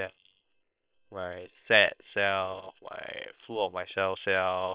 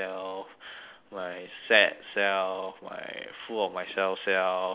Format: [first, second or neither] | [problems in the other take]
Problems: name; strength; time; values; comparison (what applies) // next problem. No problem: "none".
second | noise reduction (neural separator model SepFormer WHAM!)